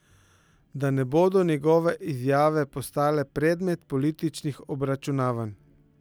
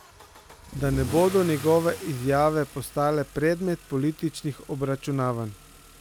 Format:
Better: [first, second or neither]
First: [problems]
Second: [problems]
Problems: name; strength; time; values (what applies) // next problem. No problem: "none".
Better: first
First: none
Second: background sound (Engine starting / Accelerating, revving, vroom / Car); 15 dB below the speech